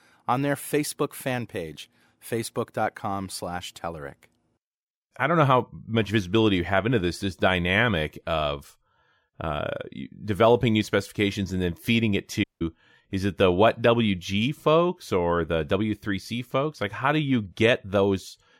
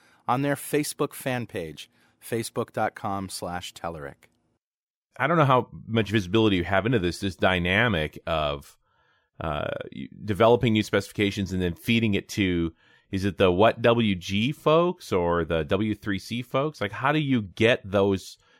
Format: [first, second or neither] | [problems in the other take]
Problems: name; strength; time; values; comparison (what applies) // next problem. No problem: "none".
second | audio cutting out; at 12 s